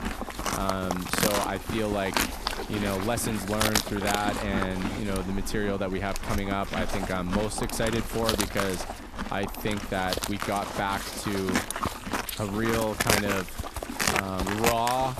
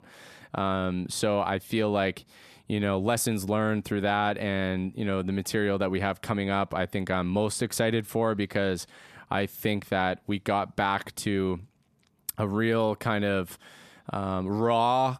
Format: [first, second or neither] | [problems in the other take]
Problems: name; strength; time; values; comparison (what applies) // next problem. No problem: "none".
second | animal sounds; loud; throughout; 1 dB below the speech